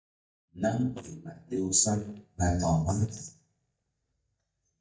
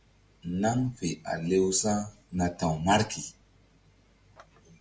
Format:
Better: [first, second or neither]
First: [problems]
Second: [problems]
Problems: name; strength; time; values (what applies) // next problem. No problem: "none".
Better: second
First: noise reduction (neural mask model DeepFilterNet 3)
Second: none